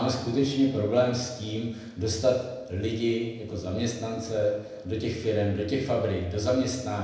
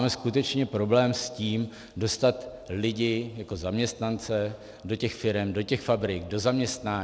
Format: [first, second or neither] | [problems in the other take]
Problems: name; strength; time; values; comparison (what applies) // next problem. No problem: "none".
second | room echo; dies away in 0.9 s